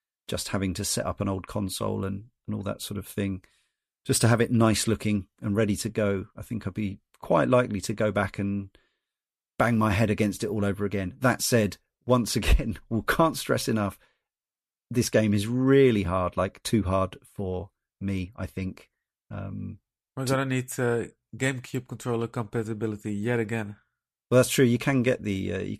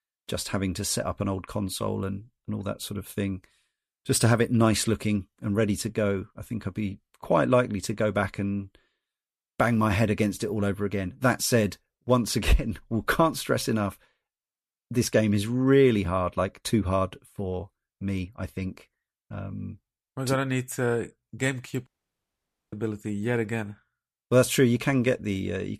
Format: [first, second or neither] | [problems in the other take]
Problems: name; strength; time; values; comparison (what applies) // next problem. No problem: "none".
first | audio cutting out; at 22 s for 1 s